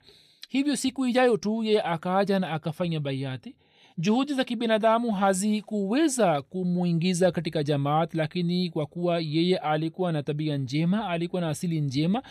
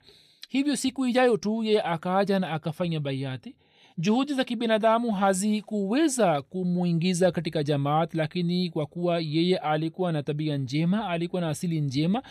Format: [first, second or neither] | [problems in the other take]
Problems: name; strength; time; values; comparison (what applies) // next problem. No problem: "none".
neither | none